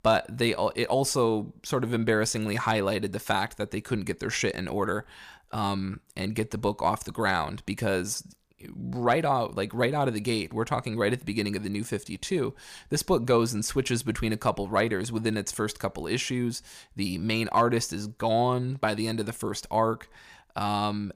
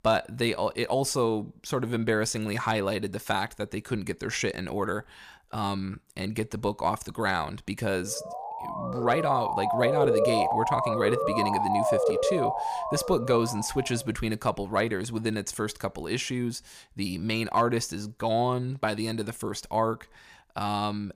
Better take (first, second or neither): first